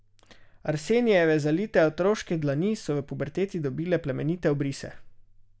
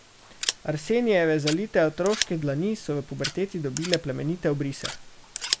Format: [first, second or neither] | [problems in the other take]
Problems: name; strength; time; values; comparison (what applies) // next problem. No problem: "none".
first | background sound (Scissors); 9 dB below the speech